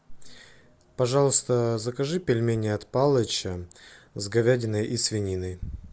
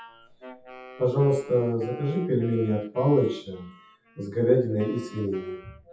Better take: first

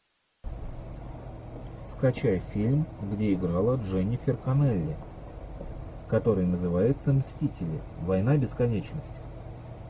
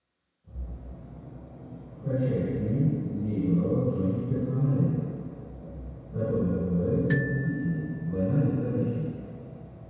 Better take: first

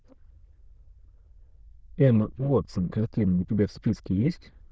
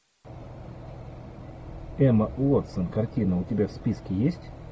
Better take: second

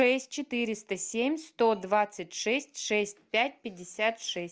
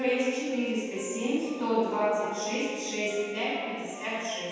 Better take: first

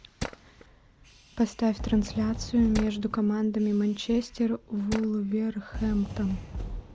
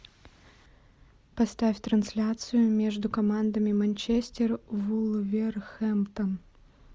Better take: second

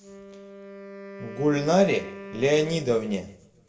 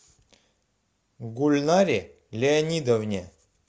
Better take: second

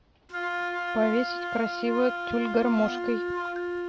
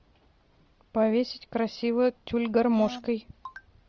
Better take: second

